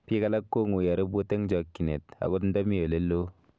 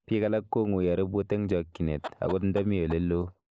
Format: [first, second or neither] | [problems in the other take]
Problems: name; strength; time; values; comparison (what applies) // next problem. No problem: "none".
first | noise reduction (neural mask model Resemble Enhance denoiser)